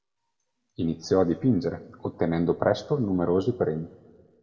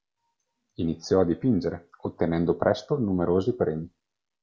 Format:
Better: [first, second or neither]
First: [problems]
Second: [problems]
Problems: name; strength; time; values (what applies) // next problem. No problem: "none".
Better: second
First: room echo; dies away in 0.9 s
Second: none